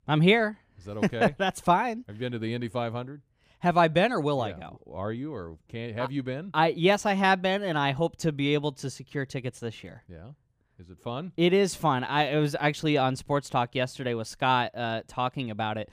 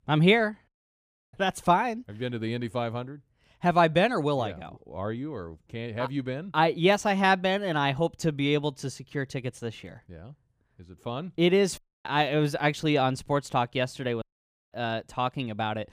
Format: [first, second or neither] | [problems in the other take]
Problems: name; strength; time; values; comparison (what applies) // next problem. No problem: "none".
first | audio cutting out; at 0.5 s for 0.5 s, at 12 s and at 14 s for 0.5 s